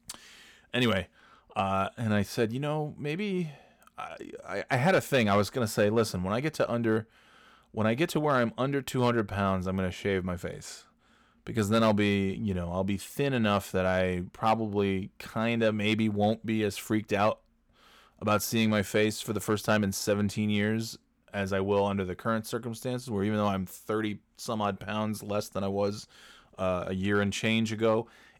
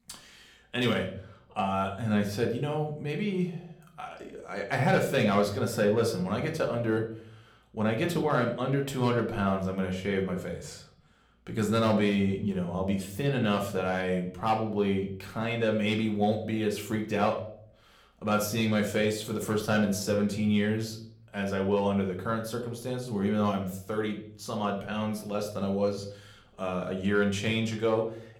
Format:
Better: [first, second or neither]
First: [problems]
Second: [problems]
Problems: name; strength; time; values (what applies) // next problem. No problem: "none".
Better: first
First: none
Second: room echo; slight; dies away in 0.5 s // off-mic speech; somewhat distant